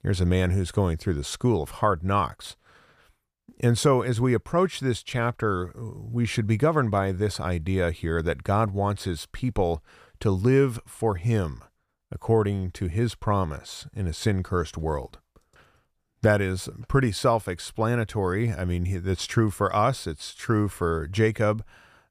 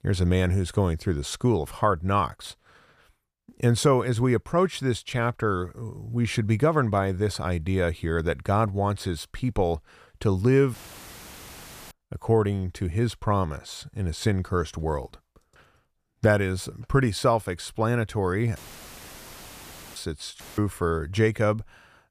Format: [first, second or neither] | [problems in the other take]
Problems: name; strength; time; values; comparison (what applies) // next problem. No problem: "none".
first | audio cutting out; filled with static; at 11 s for 1 s, at 19 s for 1.5 s and at 20 s